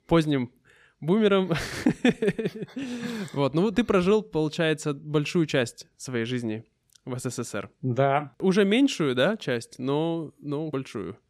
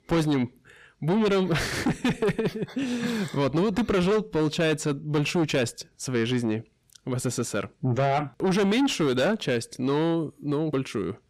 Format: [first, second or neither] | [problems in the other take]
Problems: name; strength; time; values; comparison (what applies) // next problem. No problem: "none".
first | distortion; heavy; 6 dB below the speech